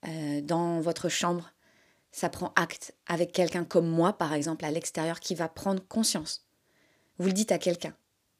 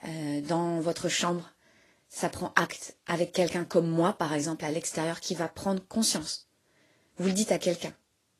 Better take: first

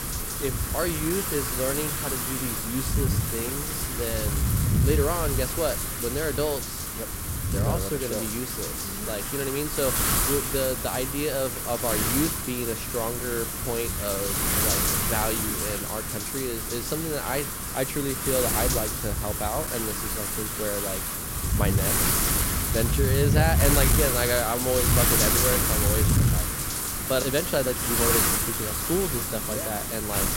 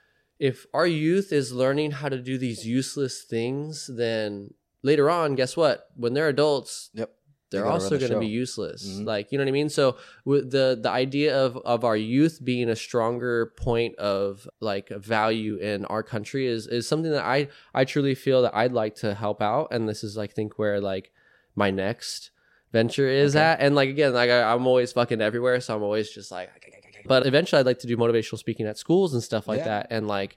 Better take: second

